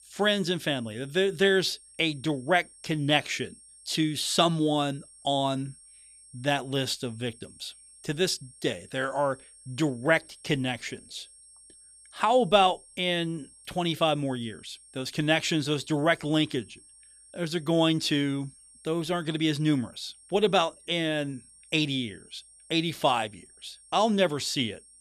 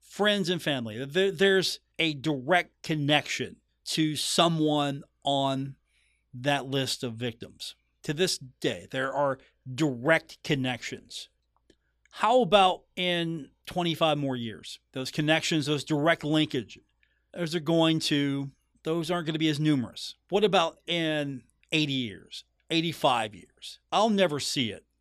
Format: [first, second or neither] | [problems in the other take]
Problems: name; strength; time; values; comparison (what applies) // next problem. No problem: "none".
second | high-pitched whine; faint; throughout; 8.5 kHz, 25 dB below the speech